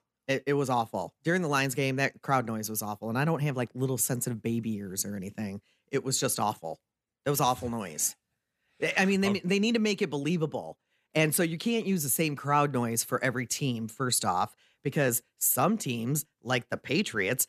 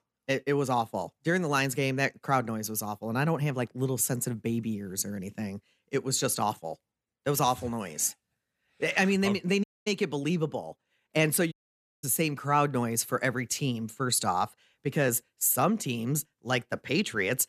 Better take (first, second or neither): first